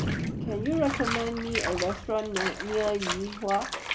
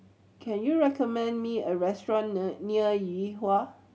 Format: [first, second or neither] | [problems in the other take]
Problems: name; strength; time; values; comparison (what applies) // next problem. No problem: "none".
second | background sound (Bathtub (filling or washing) / Water + Thunder); 3 dB below the speech